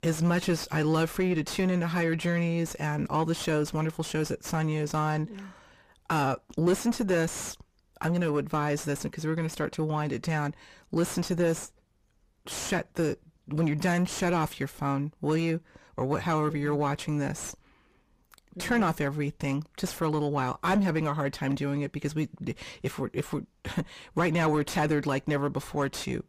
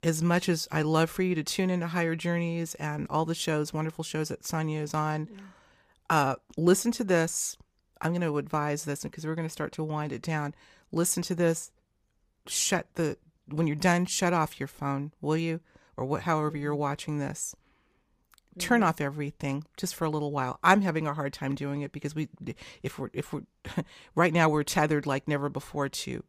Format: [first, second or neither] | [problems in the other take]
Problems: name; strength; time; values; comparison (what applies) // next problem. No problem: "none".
second | distortion; heavy; 7 dB below the speech